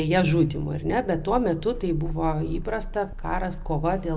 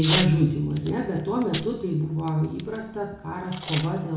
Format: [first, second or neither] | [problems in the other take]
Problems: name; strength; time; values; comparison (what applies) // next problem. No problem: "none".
first | background sound (Packing tape, duct tape / Tearing); 10 dB below the speech // room echo; dies away in 0.6 s